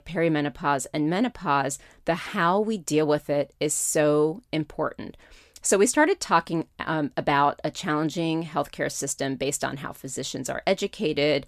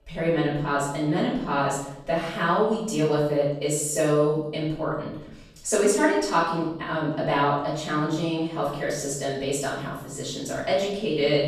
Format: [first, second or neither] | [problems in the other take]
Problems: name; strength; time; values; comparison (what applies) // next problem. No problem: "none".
first | off-mic speech; far // room echo; noticeable; dies away in 0.9 s